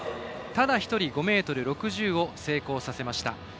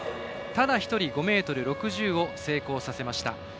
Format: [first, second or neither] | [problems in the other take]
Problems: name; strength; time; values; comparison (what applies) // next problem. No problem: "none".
first | background sound (Wind instrument, woodwind instrument); 12 dB below the speech